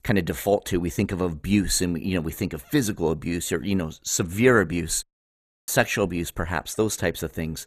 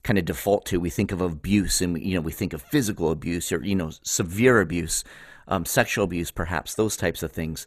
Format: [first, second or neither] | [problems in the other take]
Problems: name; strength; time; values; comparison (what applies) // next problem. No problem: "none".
second | audio cutting out; at 5 s for 0.5 s